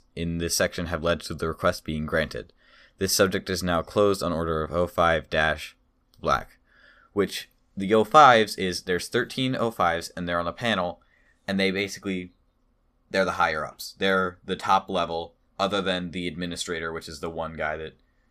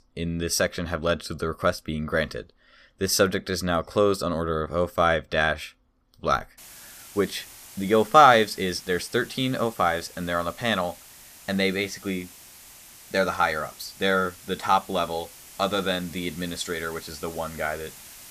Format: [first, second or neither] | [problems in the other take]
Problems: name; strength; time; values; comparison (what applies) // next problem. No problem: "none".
first | hiss; noticeable; from 6.5 s on; 20 dB below the speech